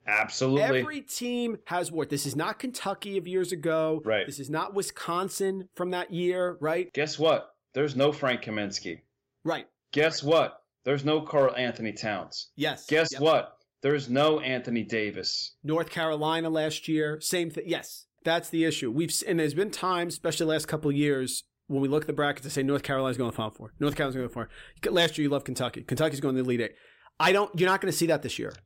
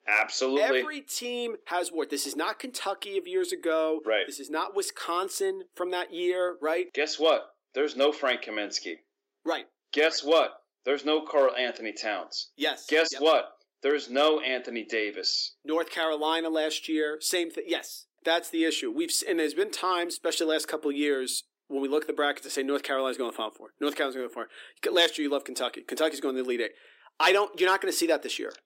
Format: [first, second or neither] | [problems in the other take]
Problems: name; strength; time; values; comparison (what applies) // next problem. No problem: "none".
first | thin; very slightly; fading below 300 Hz